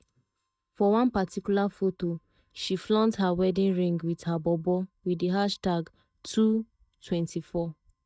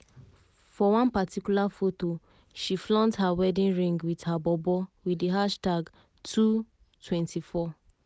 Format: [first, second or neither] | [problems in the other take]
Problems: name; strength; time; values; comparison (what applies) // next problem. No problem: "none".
second | noise reduction (neural mask model DeepFilterNet 3)